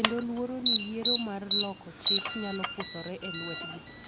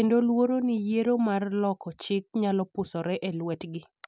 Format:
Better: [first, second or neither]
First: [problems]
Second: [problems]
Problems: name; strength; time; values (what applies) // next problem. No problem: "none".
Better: second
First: background sound (Alarm); 5 dB above the speech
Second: none